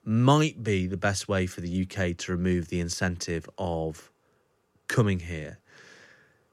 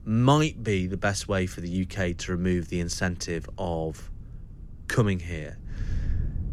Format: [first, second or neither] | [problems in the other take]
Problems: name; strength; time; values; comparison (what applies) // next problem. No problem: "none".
first | wind noise on the microphone; occasional gusts; 25 dB below the speech